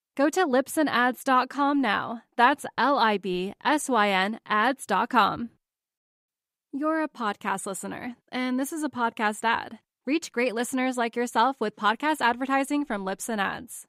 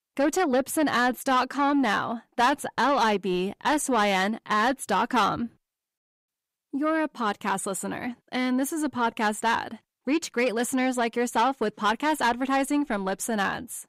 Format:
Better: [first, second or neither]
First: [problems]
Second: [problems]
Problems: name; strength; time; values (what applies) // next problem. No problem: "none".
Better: first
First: none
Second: distortion; slight; 10 dB below the speech